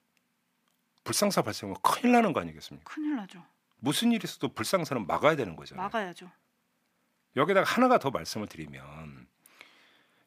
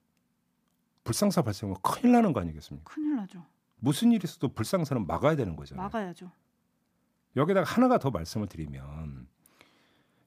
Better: second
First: thin; very slightly; fading below 800 Hz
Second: none

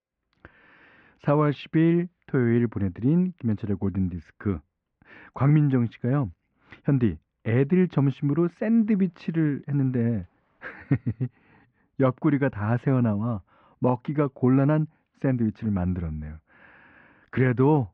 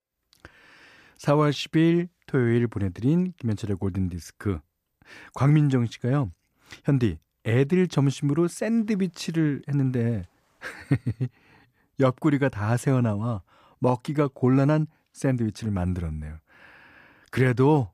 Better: second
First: muffled; very; fading above 2.5 kHz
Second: none

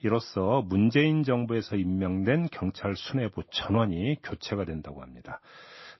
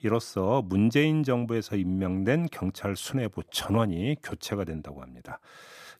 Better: second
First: garbled, watery; slightly; nothing above 5.5 kHz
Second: none

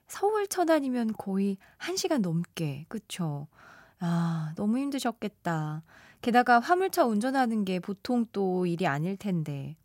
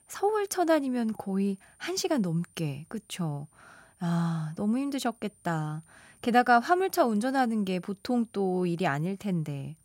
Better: first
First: none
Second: high-pitched whine; faint; throughout; 9 kHz, 30 dB below the speech

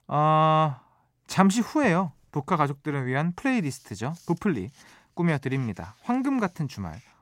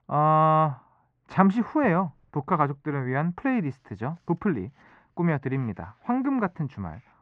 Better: first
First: none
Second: muffled; very; fading above 1.5 kHz

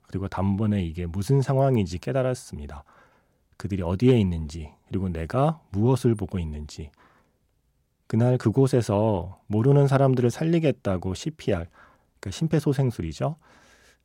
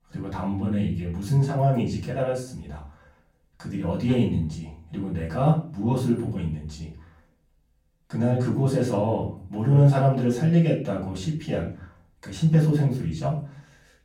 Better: first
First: none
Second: off-mic speech; far // room echo; slight; dies away in 0.4 s

